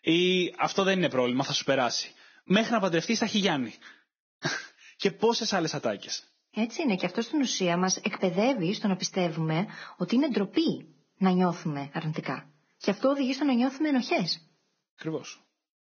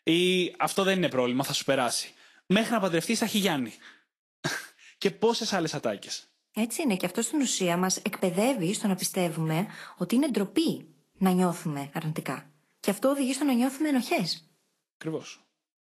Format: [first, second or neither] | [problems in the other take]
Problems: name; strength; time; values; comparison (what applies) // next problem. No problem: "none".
second | garbled, watery; badly; nothing above 6.5 kHz; slightly in the second